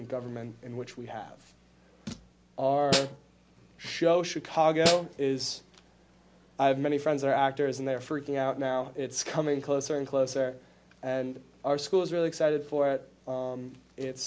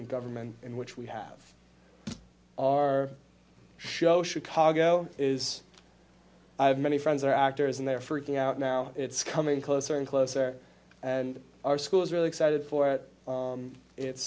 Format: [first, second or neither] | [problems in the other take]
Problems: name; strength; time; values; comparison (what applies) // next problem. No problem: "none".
second | background sound (Snare drum); 3 dB below the speech